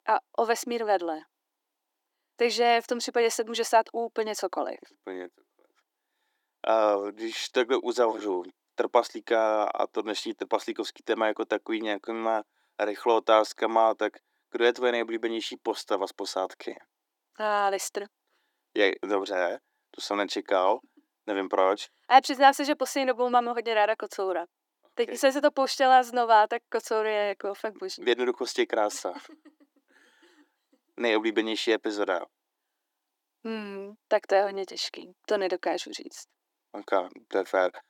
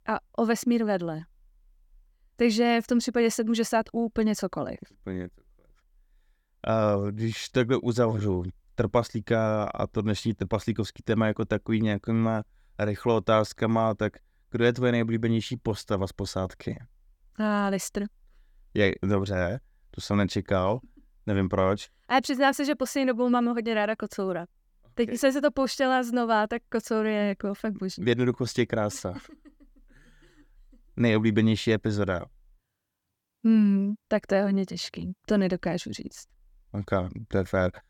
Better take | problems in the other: second | thin; very; fading below 300 Hz

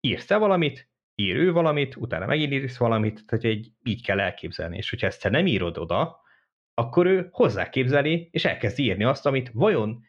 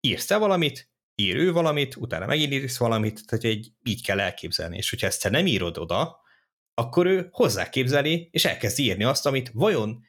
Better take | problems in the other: second | muffled; very; fading above 3 kHz

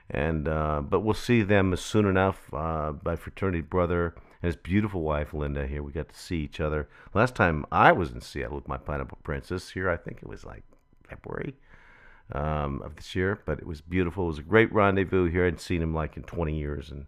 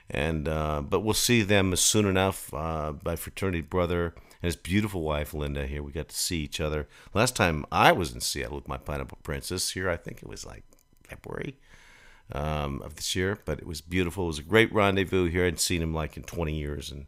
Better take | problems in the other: second | muffled; very; fading above 3.5 kHz

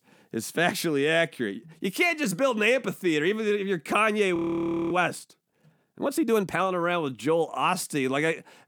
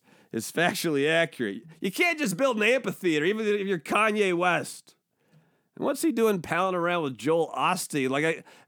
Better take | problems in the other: second | audio freezing; at 4.5 s for 0.5 s

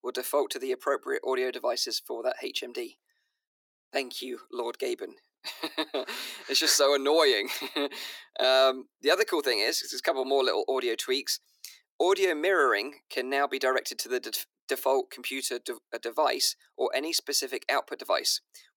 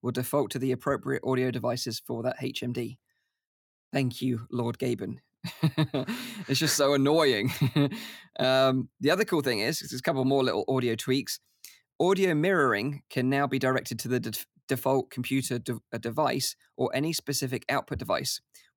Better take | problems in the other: second | thin; very; fading below 350 Hz

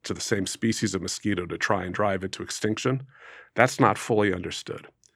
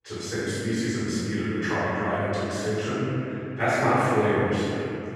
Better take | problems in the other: first | off-mic speech; far // room echo; strong; dies away in 3 s

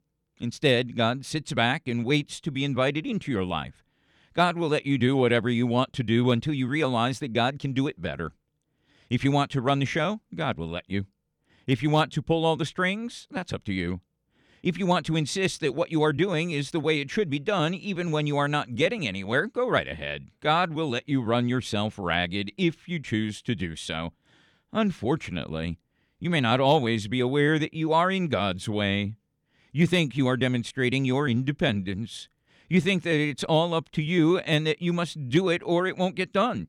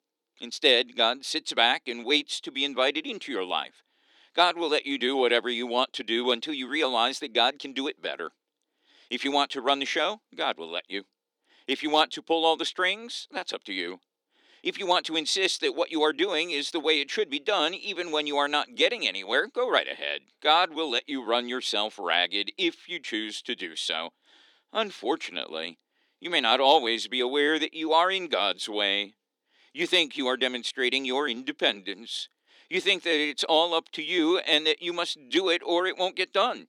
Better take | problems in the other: first | thin; somewhat; fading below 300 Hz

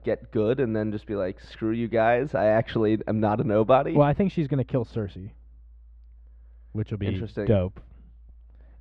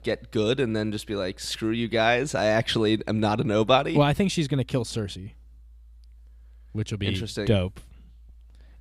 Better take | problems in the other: second | muffled; very; fading above 1.5 kHz

